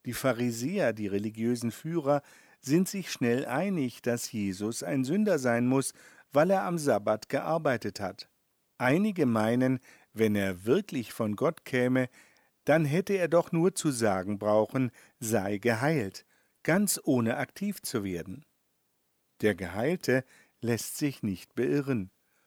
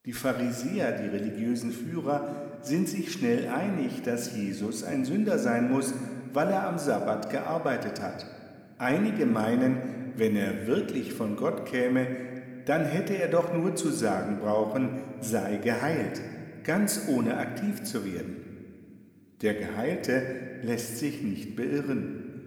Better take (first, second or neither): first